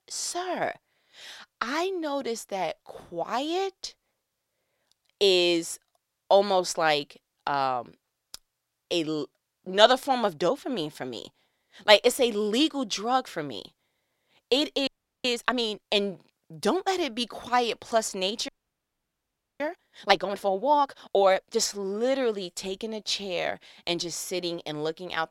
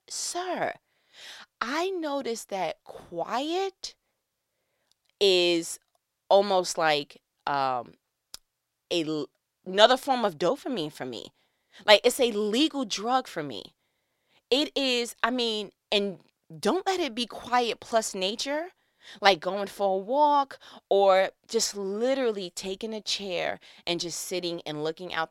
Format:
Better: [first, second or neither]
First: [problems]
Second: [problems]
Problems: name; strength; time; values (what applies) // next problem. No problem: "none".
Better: second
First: audio freezing; at 15 s and at 18 s for 1 s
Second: none